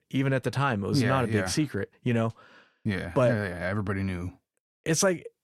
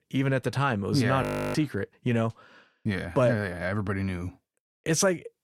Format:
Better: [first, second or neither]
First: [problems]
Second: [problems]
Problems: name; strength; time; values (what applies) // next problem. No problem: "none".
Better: first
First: none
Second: audio freezing; at 1 s